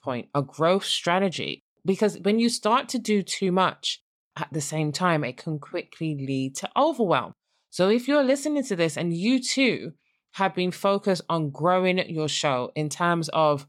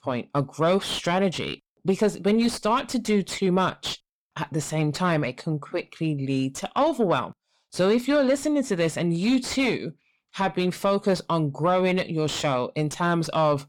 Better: first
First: none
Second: distortion; slight; 10 dB below the speech

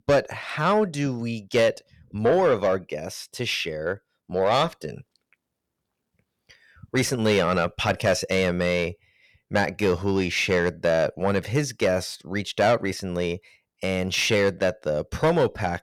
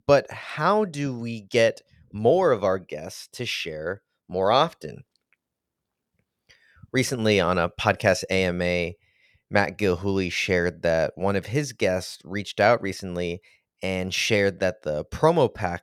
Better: second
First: distortion; slight; 10 dB below the speech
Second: none

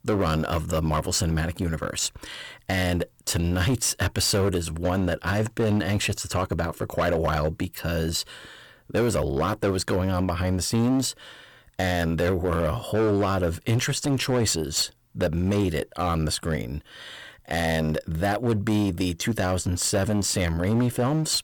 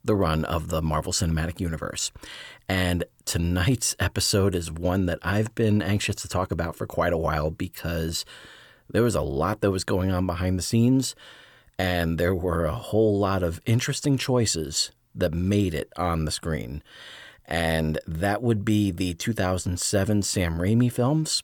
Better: second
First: distortion; slight; 13% of the sound clipped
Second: none

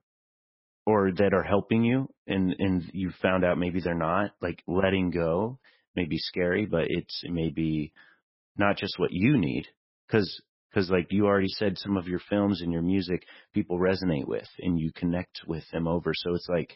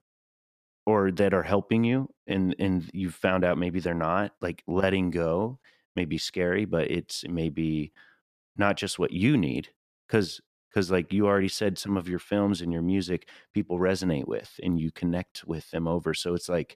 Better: second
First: garbled, watery; badly; nothing above 5.5 kHz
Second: none

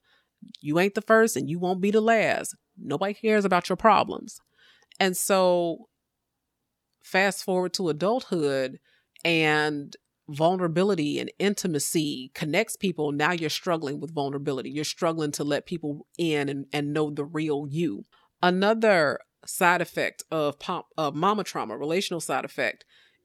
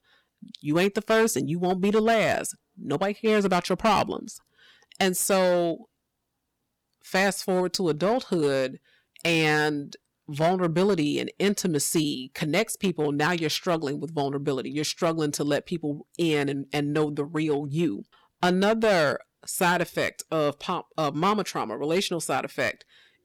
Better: first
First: none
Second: distortion; slight; 5% of the sound clipped

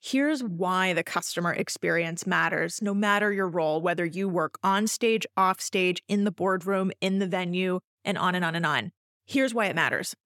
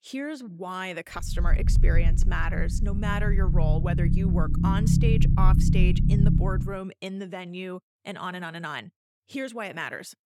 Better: first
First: none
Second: low rumble; loud; from 1.5 to 6.5 s; 3 dB below the speech

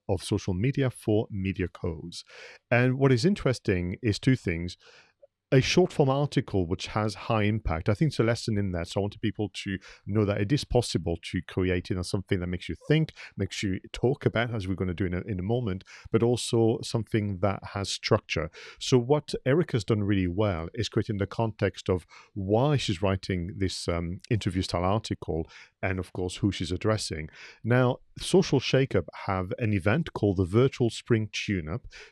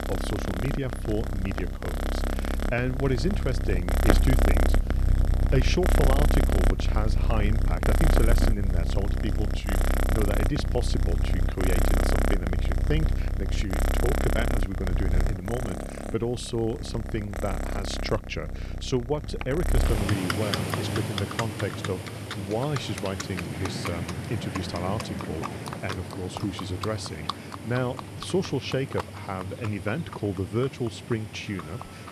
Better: first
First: none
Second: animal sounds; very loud; throughout; 3 dB above the speech

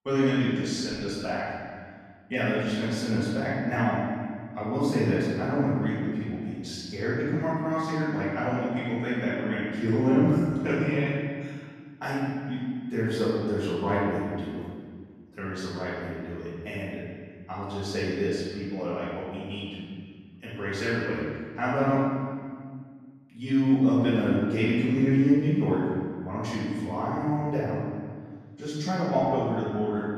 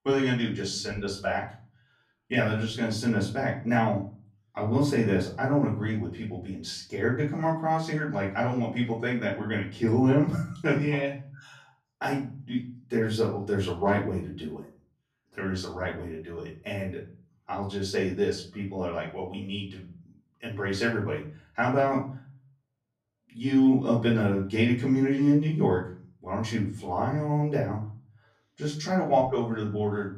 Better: second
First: room echo; strong; dies away in 1.8 s // off-mic speech; far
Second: room echo; slight; dies away in 0.4 s // off-mic speech; far

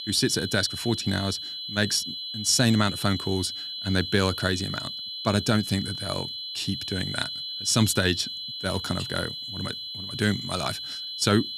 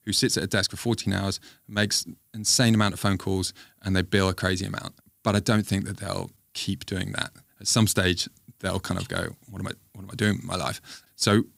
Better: second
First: high-pitched whine; loud; throughout; 4 kHz, 6 dB below the speech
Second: none

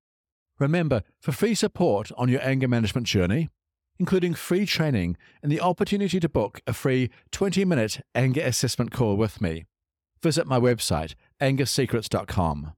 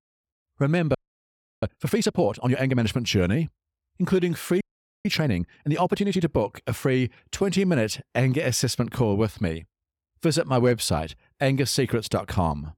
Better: first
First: none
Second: audio freezing; at 1 s for 0.5 s and at 4.5 s

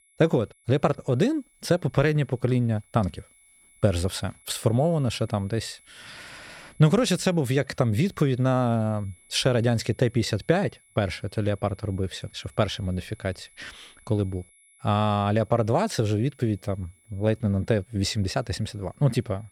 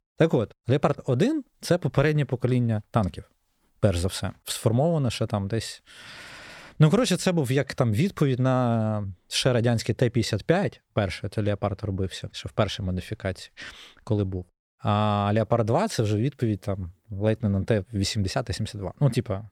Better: second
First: high-pitched whine; faint; throughout; 11 kHz, 30 dB below the speech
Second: none

